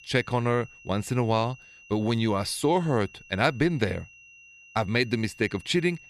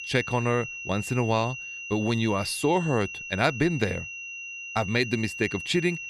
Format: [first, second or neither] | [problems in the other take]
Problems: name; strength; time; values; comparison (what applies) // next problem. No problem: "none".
first | high-pitched whine; loud; throughout; 2.5 kHz, 8 dB below the speech; faint in the first